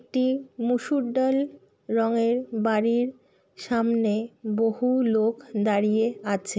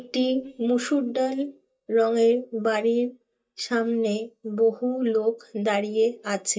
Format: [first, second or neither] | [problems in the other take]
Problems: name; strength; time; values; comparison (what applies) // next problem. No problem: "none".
first | noise reduction (neural mask model DeepFilterNet 3)